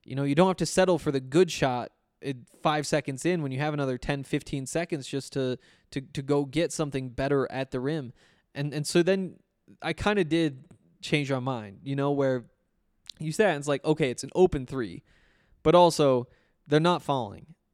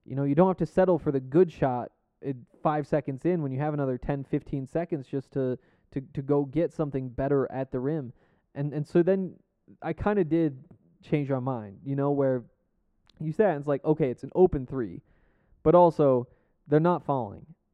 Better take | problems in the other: first | muffled; very; fading above 2.5 kHz

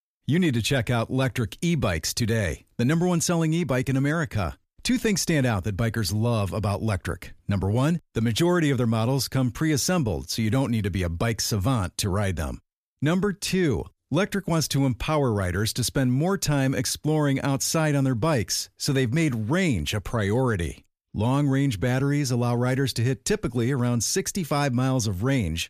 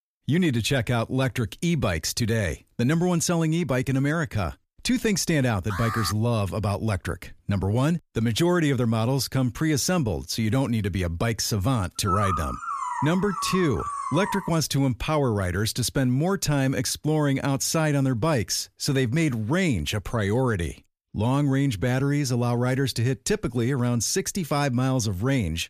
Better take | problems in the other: first | alarm; noticeable; at 5.5 s; peak 6 dB below the speech // dog barking; noticeable; from 12 to 14 s; peak 1 dB below the speech

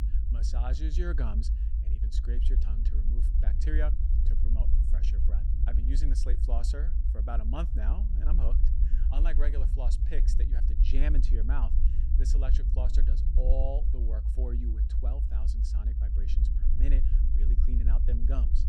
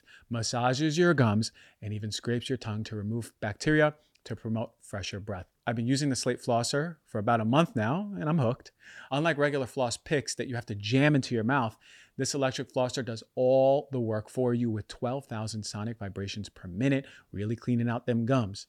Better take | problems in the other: second | low rumble; loud; throughout; 5 dB below the speech

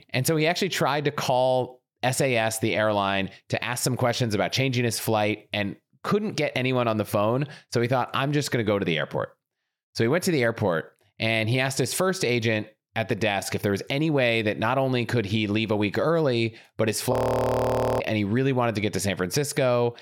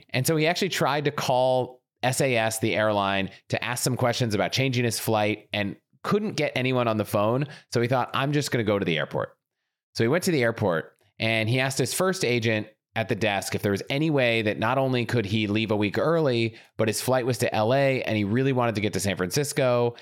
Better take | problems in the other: second | audio freezing; at 17 s for 1 s

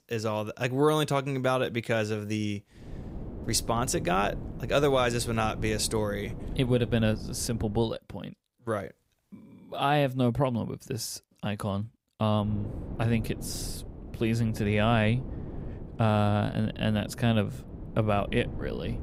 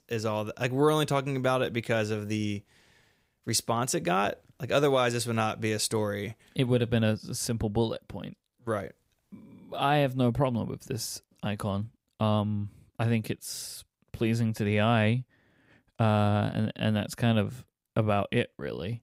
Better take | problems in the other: second | wind noise on the microphone; occasional gusts; from 3 to 8 s and from 12 s on; 20 dB below the speech

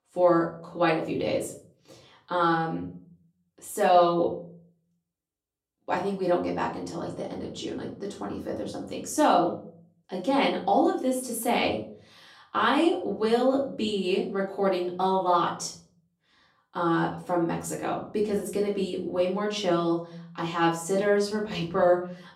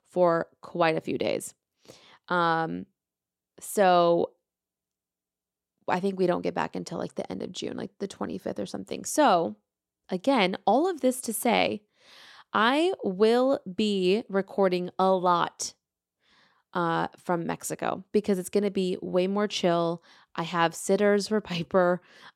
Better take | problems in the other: second | off-mic speech; far // room echo; slight; dies away in 0.4 s

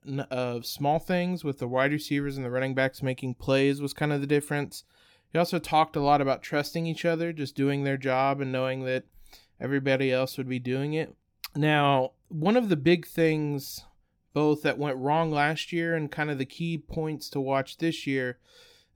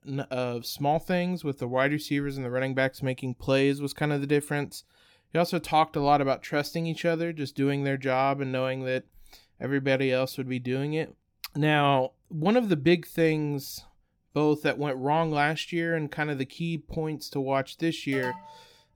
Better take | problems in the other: first | alarm; faint; at 18 s; peak 10 dB below the speech

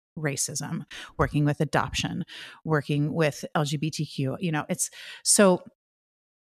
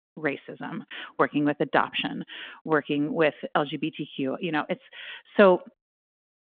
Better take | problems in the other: first | phone-call audio

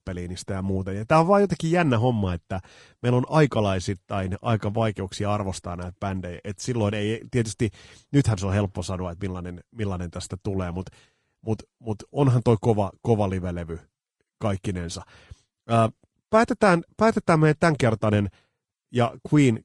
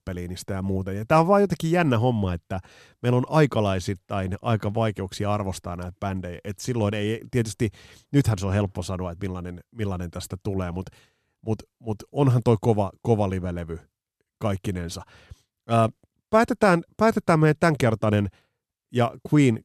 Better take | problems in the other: second | garbled, watery; slightly

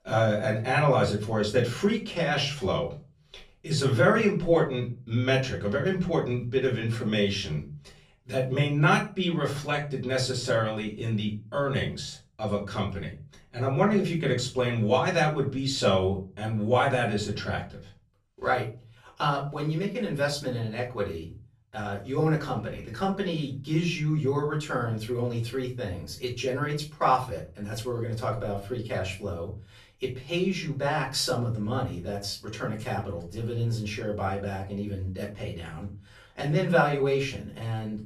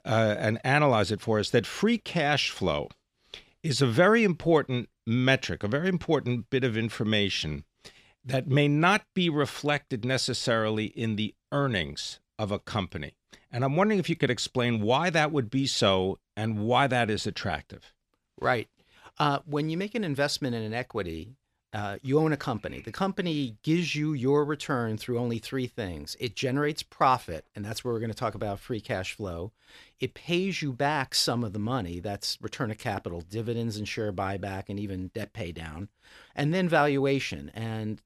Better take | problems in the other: second | off-mic speech; far // room echo; slight; dies away in 0.4 s

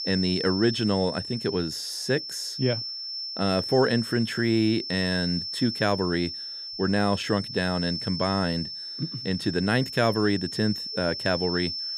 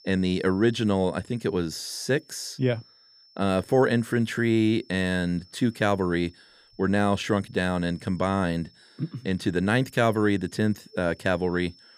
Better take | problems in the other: second | high-pitched whine; loud; throughout; 5.5 kHz, 5 dB below the speech; faint in the second

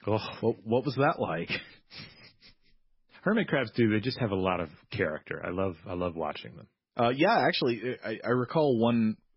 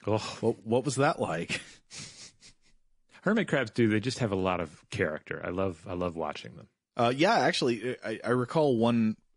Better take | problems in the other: second | garbled, watery; badly; nothing above 5.5 kHz; slightly in the second

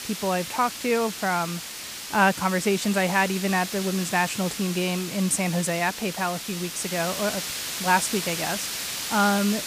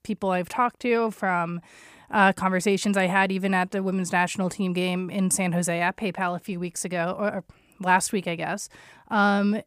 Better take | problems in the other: second | hiss; loud; throughout; 6 dB below the speech

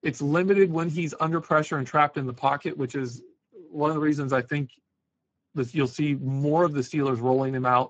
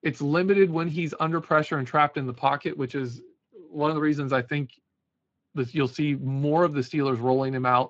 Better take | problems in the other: second | garbled, watery; badly; nothing above 7.5 kHz; slightly in the second

